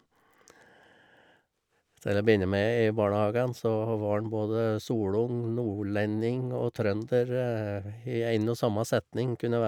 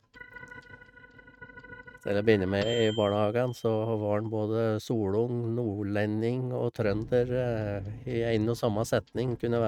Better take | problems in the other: first | noise reduction (neural mask model RNNoise)

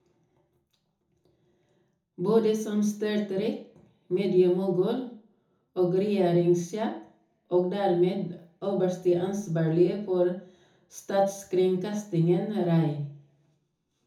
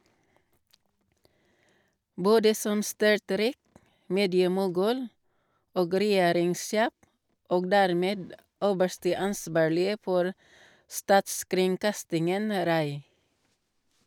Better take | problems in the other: second | room echo; dies away in 0.6 s

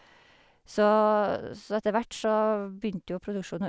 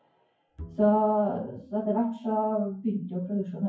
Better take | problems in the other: first | noise reduction (classical method WPE with log-MMSE)

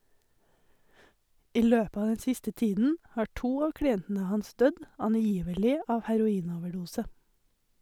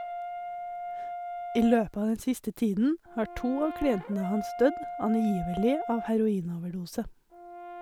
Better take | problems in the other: first | background sound (Brass instrument); 10 dB below the speech

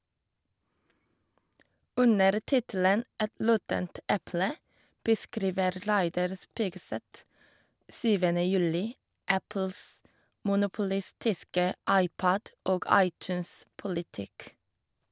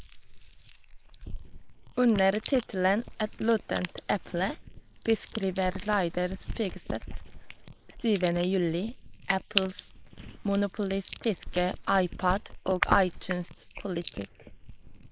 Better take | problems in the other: first | noise reduction (neural mask model Resemble Enhance denoiser)

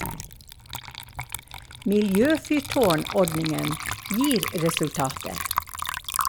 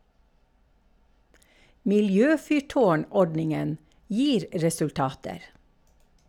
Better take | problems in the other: second | background sound (Water / Liquid); 6 dB below the speech

